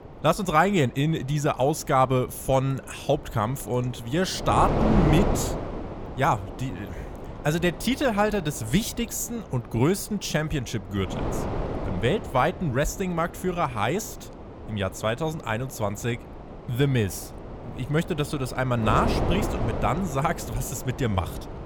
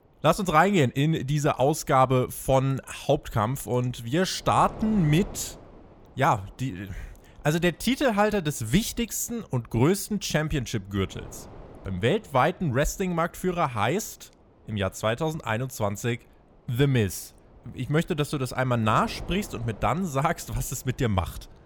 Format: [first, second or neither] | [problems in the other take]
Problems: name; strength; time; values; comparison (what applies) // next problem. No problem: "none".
second | wind noise on the microphone; heavy; 9 dB below the speech; occasional gusts in the second